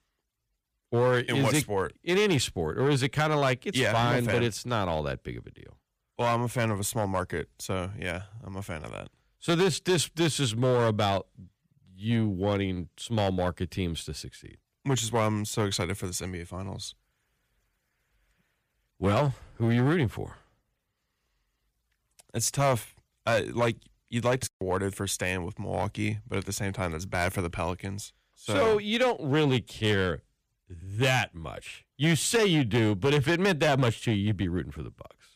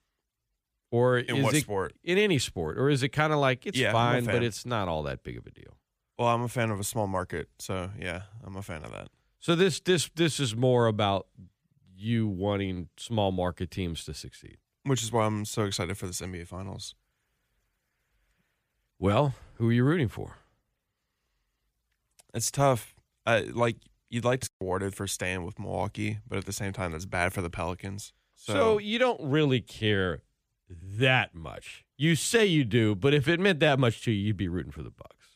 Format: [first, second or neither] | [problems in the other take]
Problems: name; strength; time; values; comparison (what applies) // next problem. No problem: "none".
second | distortion; slight; 4% of the sound clipped